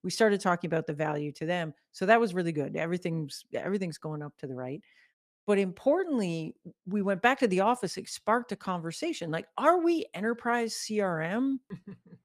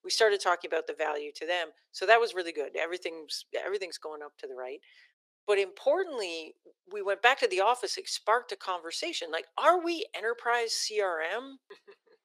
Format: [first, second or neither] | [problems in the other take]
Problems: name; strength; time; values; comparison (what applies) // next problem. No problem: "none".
first | thin; very; fading below 400 Hz